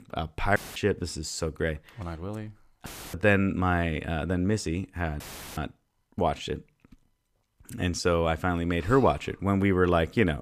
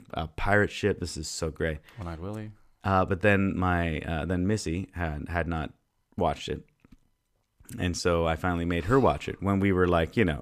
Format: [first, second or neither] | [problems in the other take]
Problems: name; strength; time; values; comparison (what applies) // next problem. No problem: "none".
second | audio cutting out; filled with static; at 0.5 s, at 3 s and at 5 s